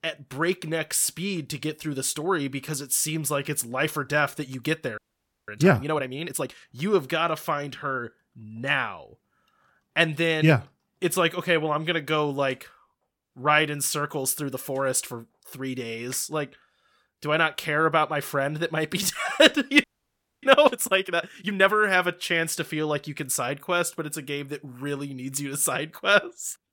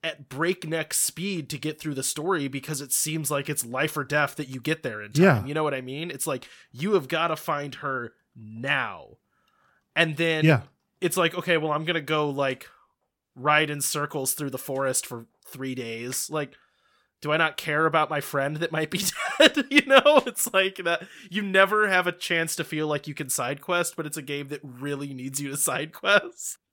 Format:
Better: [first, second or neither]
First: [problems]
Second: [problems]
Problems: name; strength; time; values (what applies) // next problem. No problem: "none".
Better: second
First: audio freezing; at 5 s for 0.5 s and at 20 s for 0.5 s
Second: none